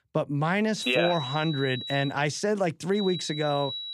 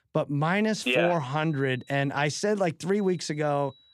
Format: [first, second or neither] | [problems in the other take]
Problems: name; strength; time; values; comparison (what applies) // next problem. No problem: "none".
second | high-pitched whine; loud; from 1 to 2 s and at 3 s; 4 kHz, 8 dB below the speech; faint in the second